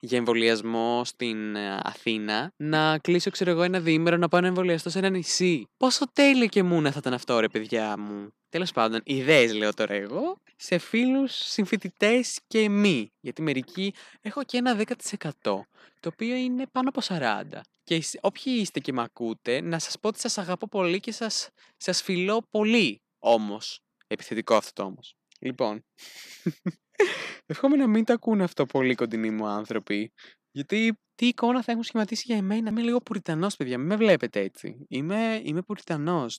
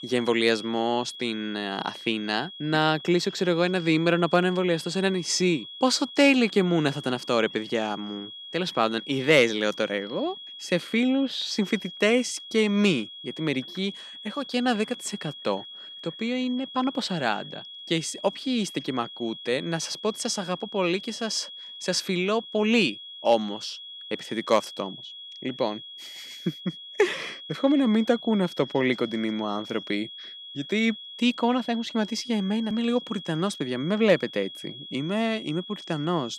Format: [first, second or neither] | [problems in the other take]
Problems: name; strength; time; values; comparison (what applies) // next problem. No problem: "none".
first | high-pitched whine; noticeable; throughout; 3.5 kHz, 15 dB below the speech